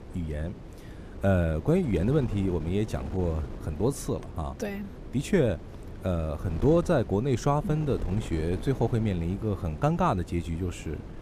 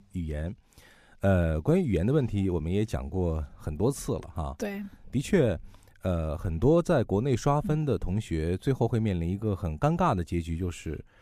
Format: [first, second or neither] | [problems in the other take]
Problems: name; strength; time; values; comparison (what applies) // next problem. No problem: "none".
second | wind noise on the microphone; occasional gusts; 15 dB below the speech